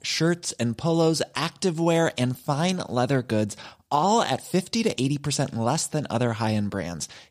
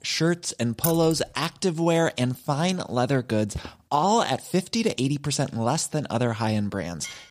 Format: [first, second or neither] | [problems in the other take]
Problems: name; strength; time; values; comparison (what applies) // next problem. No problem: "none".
first | jangling keys; noticeable; at 1 s; peak 4 dB below the speech // footsteps; faint; at 3.5 s; peak 15 dB below the speech // clattering dishes; very faint; at 7 s; peak 15 dB below the speech